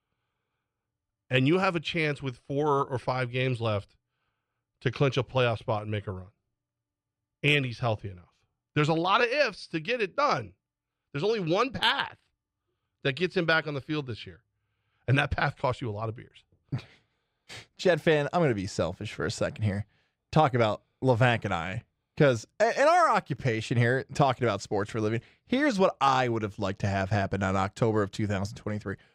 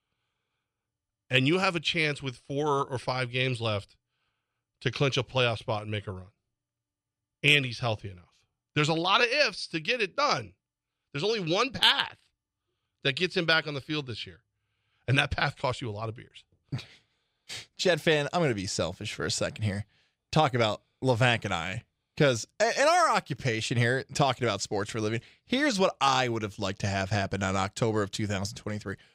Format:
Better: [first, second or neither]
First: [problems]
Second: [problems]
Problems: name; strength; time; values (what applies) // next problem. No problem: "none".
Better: second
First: muffled; slightly; fading above 2.5 kHz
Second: none